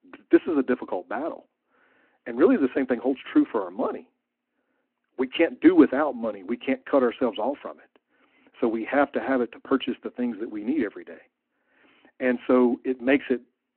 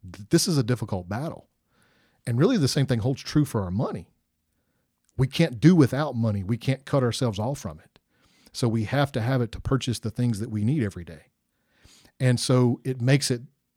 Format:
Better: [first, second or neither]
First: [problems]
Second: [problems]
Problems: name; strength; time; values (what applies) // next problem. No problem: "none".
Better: second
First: phone-call audio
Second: none